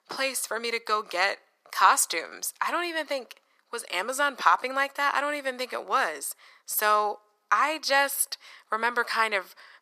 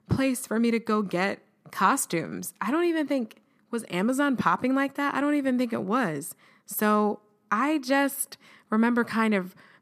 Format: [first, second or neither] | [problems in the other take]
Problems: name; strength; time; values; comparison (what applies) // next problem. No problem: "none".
second | thin; very; fading below 600 Hz